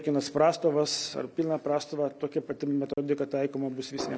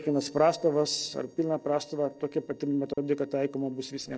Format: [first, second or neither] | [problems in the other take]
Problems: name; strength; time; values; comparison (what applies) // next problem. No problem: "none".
first | noise reduction (neural separator model SepFormer DNS4)